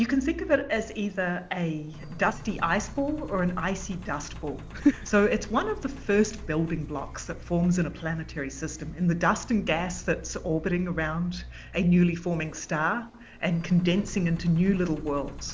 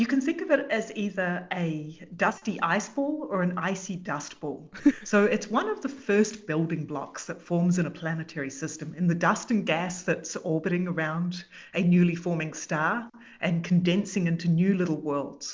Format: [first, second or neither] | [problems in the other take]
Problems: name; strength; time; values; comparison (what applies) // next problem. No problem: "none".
second | background sound (Engine); 14 dB below the speech